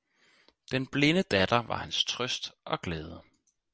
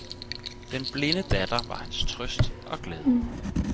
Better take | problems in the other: first | background sound (Writing); 4 dB above the speech

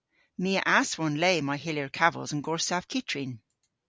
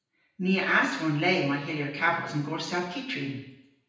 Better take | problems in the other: first | room echo; dies away in 0.9 s

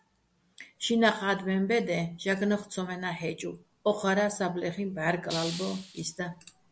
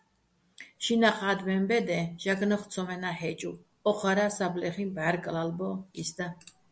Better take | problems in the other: second | background sound (Hiss); 11 dB below the speech

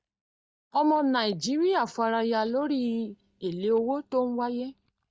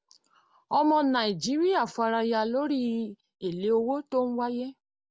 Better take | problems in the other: second | noise reduction (neural mask model DeepFilterNet 3)

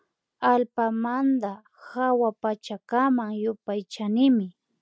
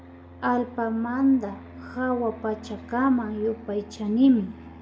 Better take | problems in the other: first | background sound (Fixed-wing aircraft, airplane); 18 dB below the speech // room echo; dies away in 0.7 s

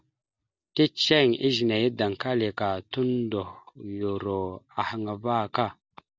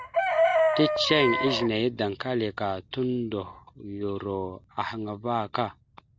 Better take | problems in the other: first | background sound (Chicken, rooster); 2 dB below the speech

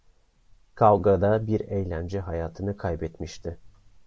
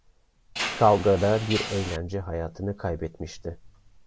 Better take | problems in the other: first | background sound (Mechanisms); 10 dB below the speech

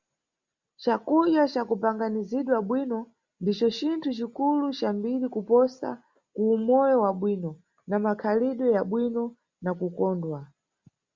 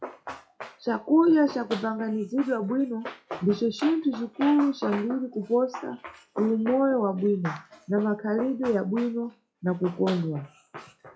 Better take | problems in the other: first | noise reduction (classical method WPE with log-MMSE)

